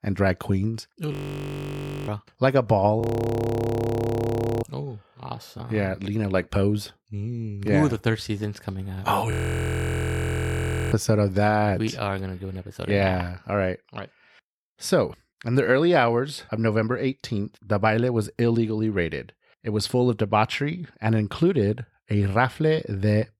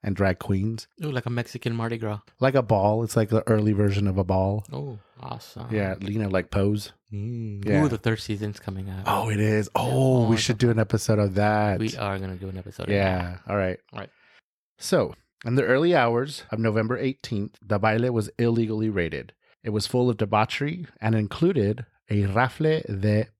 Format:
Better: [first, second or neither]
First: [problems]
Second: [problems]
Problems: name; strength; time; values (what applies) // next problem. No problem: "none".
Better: second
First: audio freezing; at 1 s for 1 s, at 3 s for 1.5 s and at 9.5 s for 1.5 s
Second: none